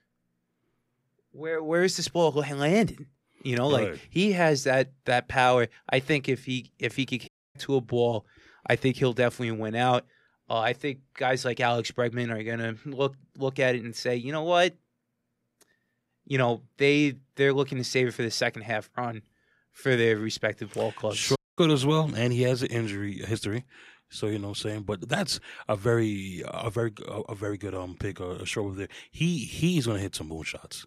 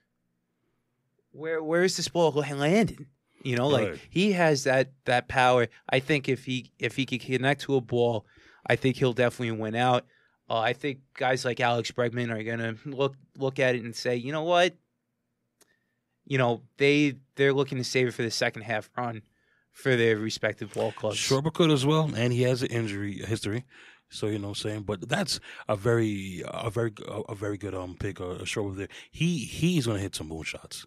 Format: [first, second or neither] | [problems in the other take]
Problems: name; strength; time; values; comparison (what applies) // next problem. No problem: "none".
second | audio cutting out; at 7.5 s and at 21 s